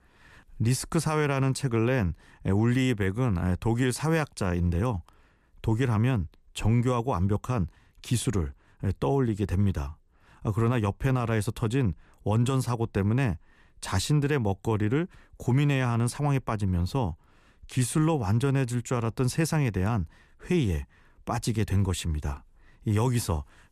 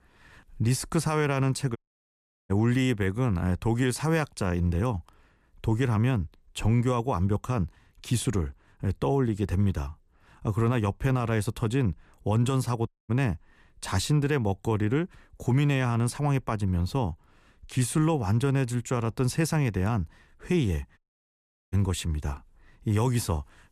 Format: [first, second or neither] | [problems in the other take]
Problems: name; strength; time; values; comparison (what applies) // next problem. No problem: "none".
first | audio cutting out; at 2 s for 0.5 s, at 13 s and at 21 s for 0.5 s